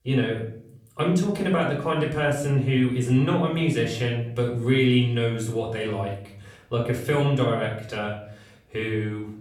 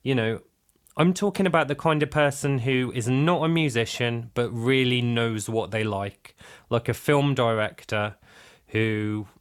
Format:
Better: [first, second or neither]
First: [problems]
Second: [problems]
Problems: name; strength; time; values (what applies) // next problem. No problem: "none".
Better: second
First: off-mic speech; far // room echo; slight; dies away in 0.5 s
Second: none